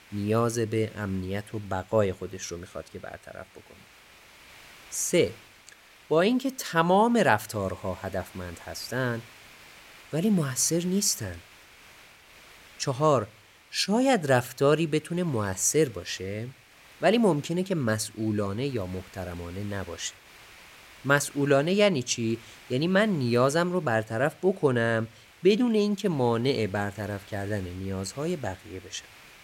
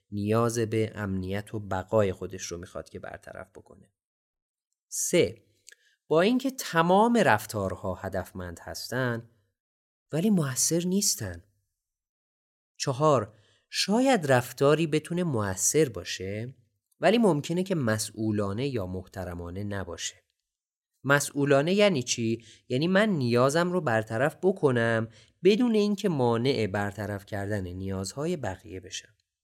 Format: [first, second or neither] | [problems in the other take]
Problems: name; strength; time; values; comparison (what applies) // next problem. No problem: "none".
second | hiss; faint; throughout; 25 dB below the speech